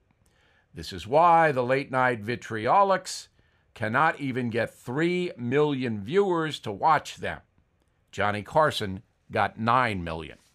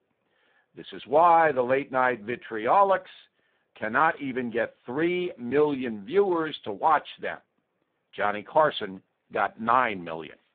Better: first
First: none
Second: phone-call audio; poor line; nothing above 3.5 kHz

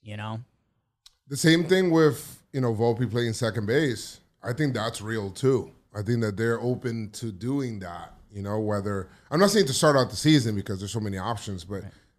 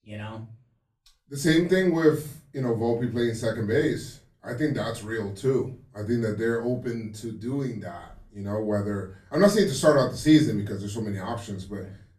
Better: first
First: none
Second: off-mic speech; far // room echo; very slight; dies away in 0.3 s

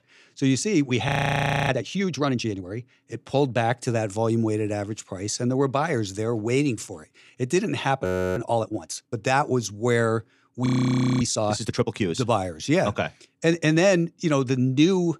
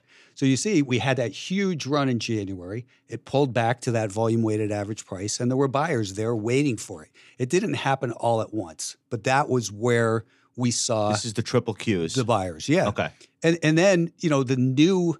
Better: second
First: audio freezing; at 1 s for 0.5 s, at 8 s and at 11 s for 0.5 s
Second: none

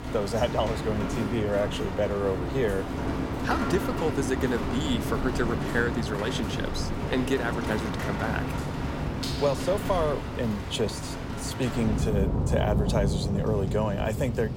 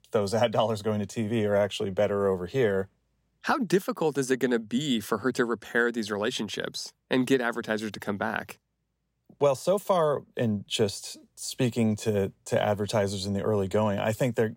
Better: second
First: rain or running water; loud; throughout; 1 dB below the speech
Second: none

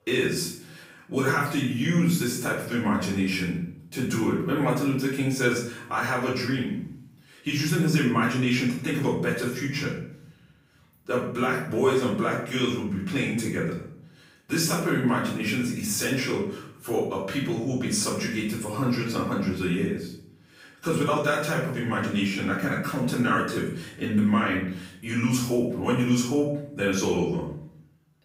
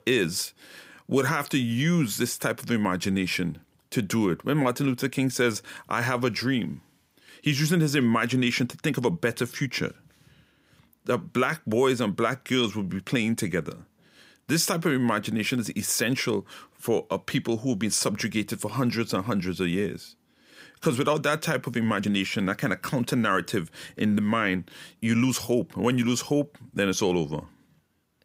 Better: second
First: off-mic speech; far // room echo; noticeable; dies away in 0.6 s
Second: none

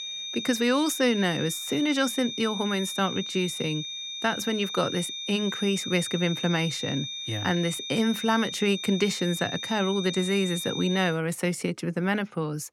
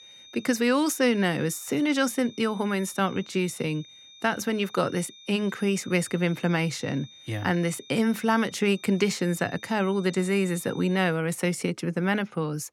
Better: second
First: high-pitched whine; loud; until 11 s; 3.5 kHz, 6 dB below the speech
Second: high-pitched whine; faint; until 11 s; 3.5 kHz, 20 dB below the speech

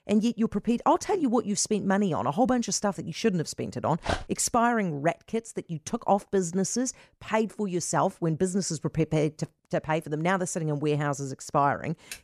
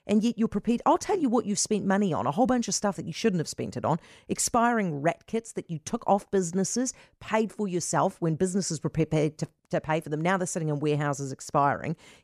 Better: second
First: dog barking; noticeable; at 4 s; peak 5 dB below the speech // keyboard typing; faint; at 12 s; peak 15 dB below the speech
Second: none

